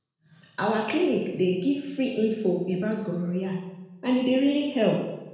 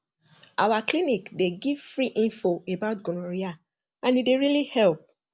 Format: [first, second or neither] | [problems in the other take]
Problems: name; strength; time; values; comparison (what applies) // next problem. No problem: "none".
second | room echo; dies away in 1 s